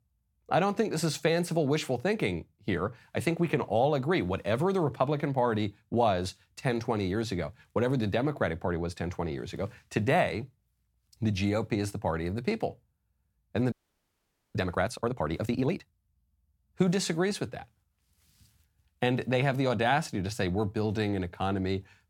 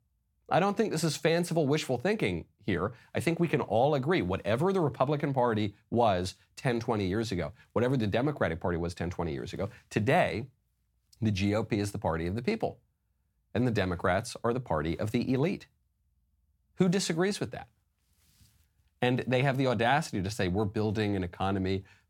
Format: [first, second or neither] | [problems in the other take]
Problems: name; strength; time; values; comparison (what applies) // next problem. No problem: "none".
second | audio freezing; at 14 s for 1 s